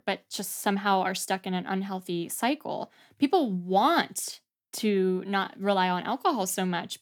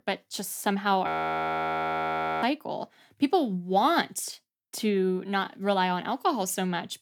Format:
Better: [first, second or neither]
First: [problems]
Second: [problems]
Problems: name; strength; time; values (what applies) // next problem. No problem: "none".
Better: first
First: none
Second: audio freezing; at 1 s for 1.5 s